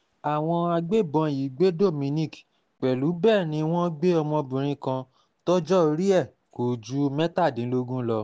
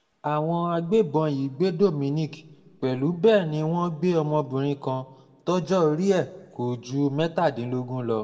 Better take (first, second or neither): first